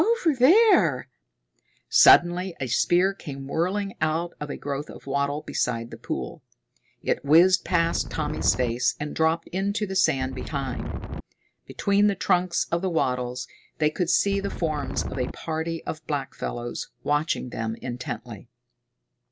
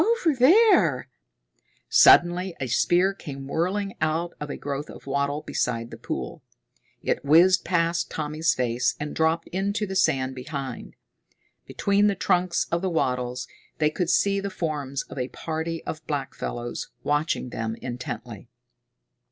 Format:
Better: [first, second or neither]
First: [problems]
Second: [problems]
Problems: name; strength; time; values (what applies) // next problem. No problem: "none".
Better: second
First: background sound (Wind); 6 dB below the speech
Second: none